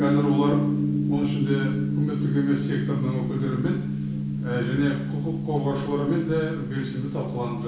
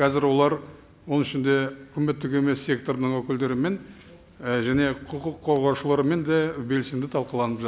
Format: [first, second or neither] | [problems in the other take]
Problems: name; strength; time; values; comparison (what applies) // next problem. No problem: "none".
second | background sound (Gong); 2 dB above the speech // room echo; dies away in 0.6 s